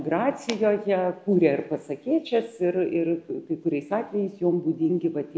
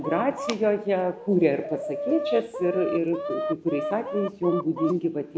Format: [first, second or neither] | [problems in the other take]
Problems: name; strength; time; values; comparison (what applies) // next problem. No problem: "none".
first | background sound (Chicken, rooster); 7 dB below the speech